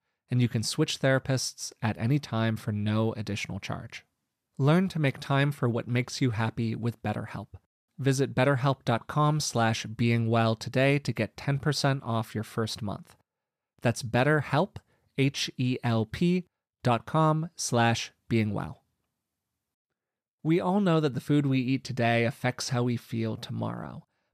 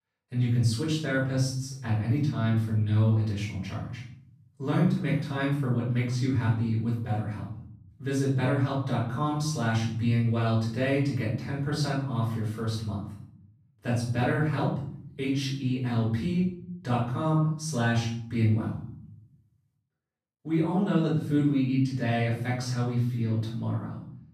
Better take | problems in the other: first | room echo; noticeable; dies away in 0.8 s // off-mic speech; far

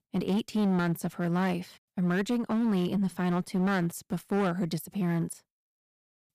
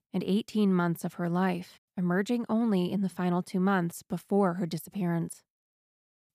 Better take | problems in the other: second | distortion; slight; 10% of the sound clipped

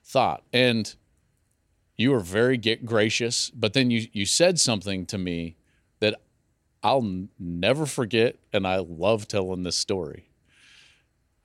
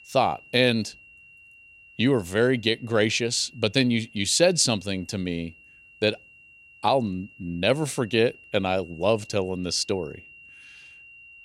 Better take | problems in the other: first | high-pitched whine; faint; throughout; 3 kHz, 25 dB below the speech

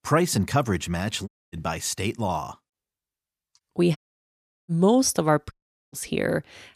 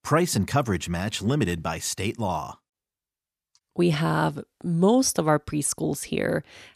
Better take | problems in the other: second | audio cutting out; at 1.5 s, at 4 s for 0.5 s and at 5.5 s

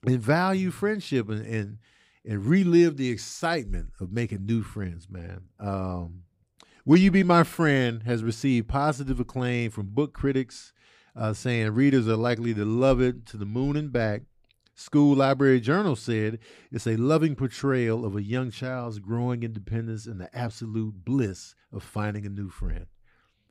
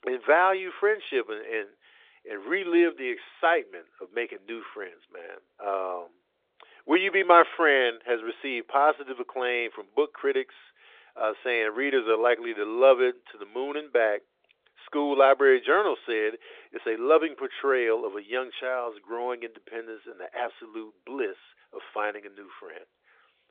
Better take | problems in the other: first | phone-call audio; nothing above 3.5 kHz

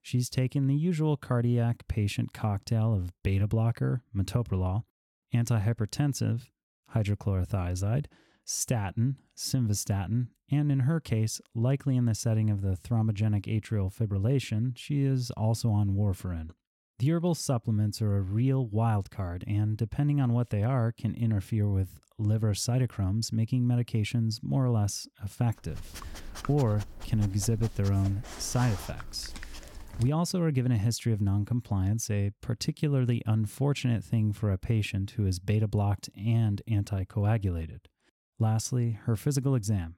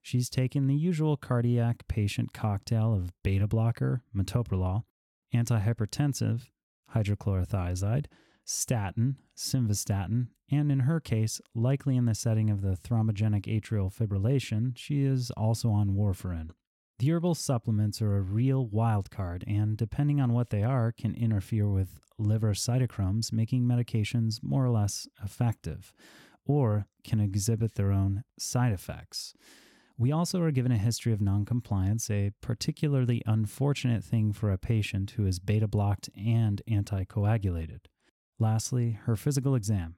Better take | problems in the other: second | dog barking; faint; from 26 to 30 s; peak 10 dB below the speech

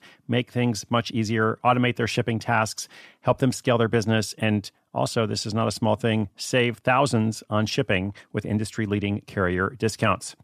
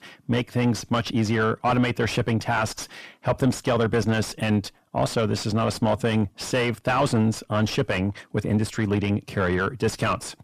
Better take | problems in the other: first | distortion; heavy; 8 dB below the speech

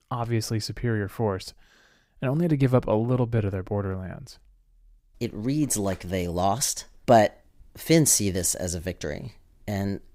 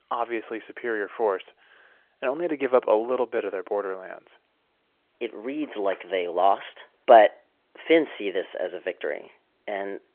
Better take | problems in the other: first | phone-call audio

